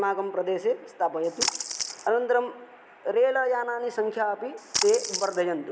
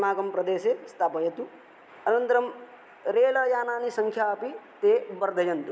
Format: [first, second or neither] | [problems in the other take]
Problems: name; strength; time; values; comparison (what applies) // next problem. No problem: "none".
second | background sound (Splash, splatter); 4 dB below the speech